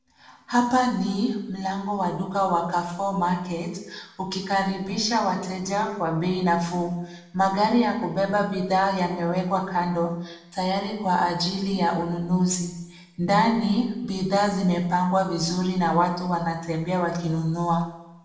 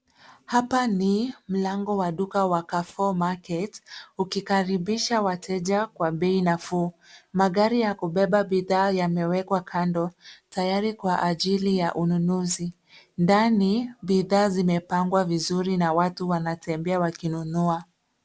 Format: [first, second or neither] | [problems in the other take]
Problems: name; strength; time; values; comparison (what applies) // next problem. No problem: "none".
second | room echo; dies away in 0.8 s